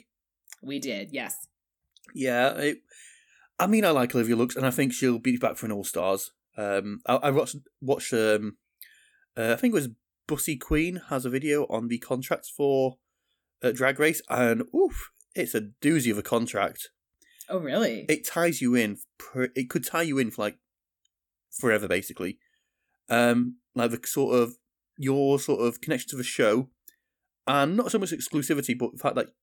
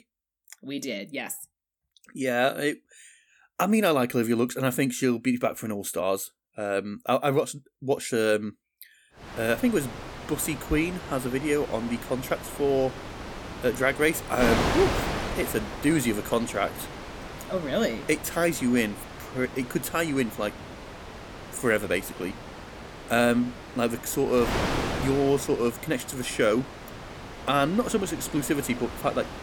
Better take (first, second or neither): first